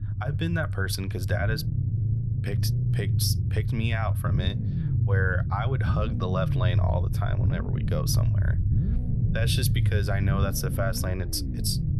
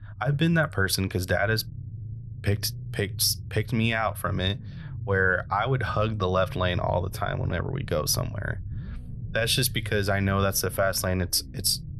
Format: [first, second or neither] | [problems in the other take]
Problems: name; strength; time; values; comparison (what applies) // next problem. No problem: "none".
second | low rumble; loud; throughout; 7 dB below the speech; faint in the second